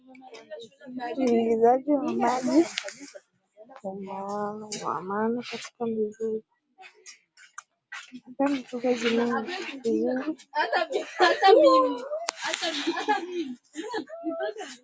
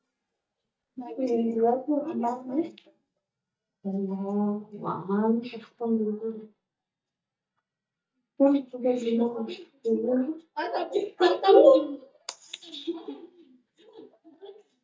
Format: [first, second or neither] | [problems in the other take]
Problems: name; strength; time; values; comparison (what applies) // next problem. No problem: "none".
first | noise reduction (neural mask model DeepFilterNet 3)